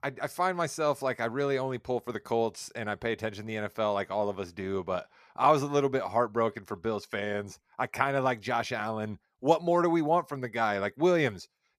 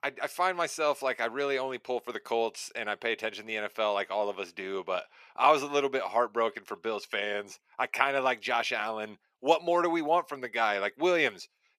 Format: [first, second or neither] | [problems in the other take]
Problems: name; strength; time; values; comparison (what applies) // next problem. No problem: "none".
first | thin; somewhat; fading below 350 Hz